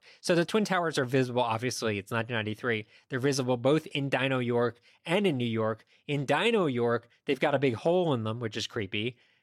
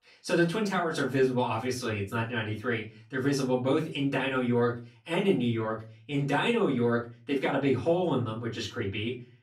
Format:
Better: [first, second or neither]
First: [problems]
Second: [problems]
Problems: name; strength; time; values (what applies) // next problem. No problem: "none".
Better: first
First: none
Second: off-mic speech; far // room echo; slight; dies away in 0.3 s